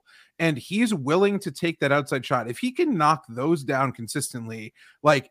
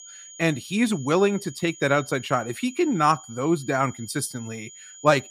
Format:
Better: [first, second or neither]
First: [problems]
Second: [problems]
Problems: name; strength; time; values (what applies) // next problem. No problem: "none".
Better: first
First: none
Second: high-pitched whine; noticeable; throughout; 7 kHz, 20 dB below the speech